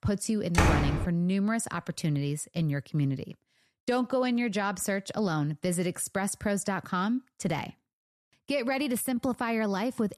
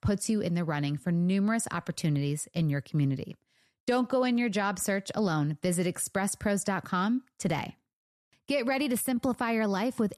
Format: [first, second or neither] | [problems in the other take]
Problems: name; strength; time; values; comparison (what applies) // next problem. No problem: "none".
second | door banging; loud; at 0.5 s; peak 5 dB above the speech